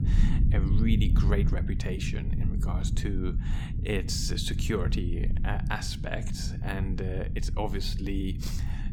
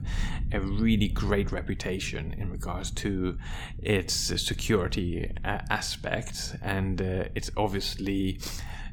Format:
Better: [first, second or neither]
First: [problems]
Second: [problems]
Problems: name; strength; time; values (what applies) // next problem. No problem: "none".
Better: second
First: low rumble; loud; throughout; 7 dB below the speech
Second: low rumble; faint; throughout; 20 dB below the speech